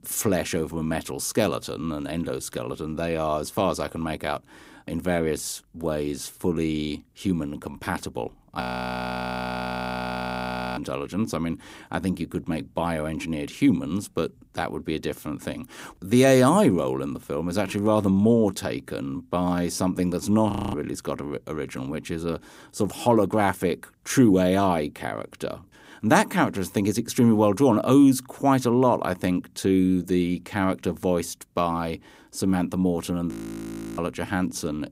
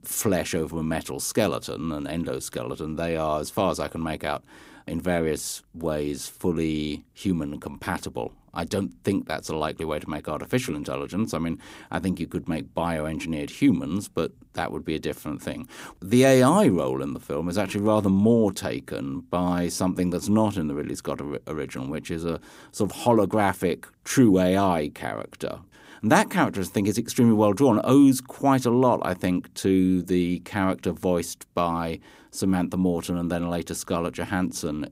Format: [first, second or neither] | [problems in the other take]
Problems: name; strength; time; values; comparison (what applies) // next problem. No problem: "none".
second | audio freezing; at 8.5 s for 2 s, at 21 s and at 33 s for 0.5 s